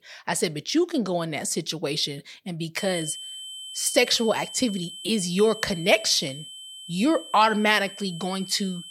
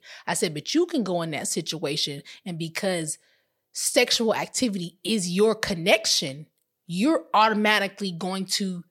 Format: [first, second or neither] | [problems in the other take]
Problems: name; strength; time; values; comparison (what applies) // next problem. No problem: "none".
second | high-pitched whine; noticeable; from 3 s on; 3 kHz, 15 dB below the speech